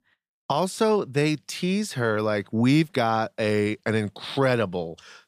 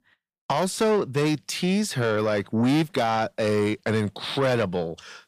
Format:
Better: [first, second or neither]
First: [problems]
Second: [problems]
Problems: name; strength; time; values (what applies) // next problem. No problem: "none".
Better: first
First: none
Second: distortion; slight; 10 dB below the speech